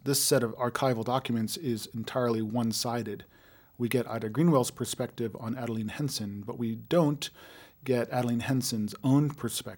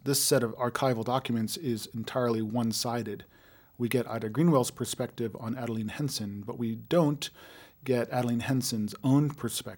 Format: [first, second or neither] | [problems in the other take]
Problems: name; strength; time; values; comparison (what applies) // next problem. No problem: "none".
neither | none